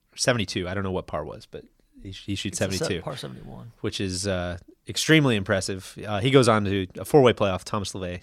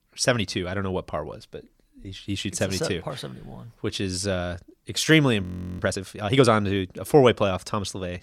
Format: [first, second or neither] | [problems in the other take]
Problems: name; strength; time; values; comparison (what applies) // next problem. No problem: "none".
first | audio freezing; at 5.5 s